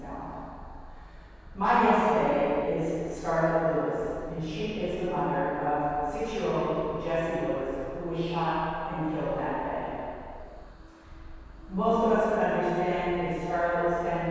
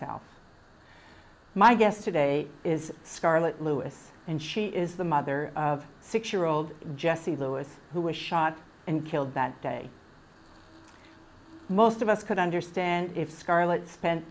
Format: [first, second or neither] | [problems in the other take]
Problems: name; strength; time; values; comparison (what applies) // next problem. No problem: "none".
second | background sound (Purr); 17 dB below the speech // room echo; dies away in 2.2 s